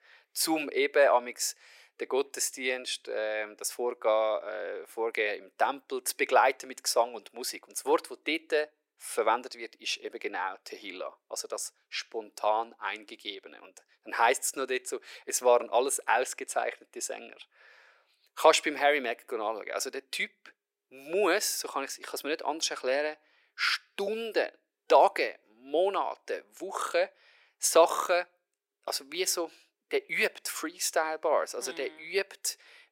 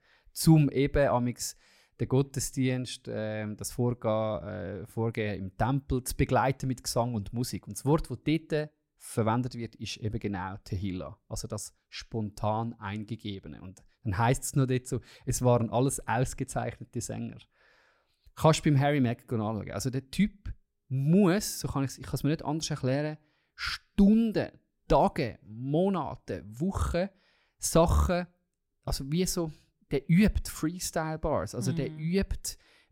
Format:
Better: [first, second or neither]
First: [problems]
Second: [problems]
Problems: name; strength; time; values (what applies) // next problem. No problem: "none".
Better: second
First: thin; very; fading below 400 Hz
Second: none